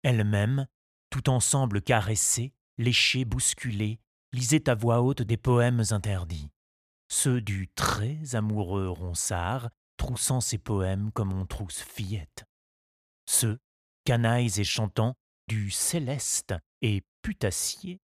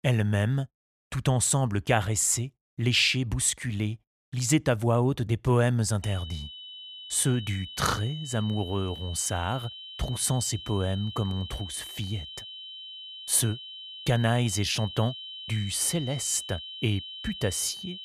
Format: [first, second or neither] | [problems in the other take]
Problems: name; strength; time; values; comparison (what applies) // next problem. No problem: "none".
first | high-pitched whine; noticeable; from 6 s on; 3 kHz, 10 dB below the speech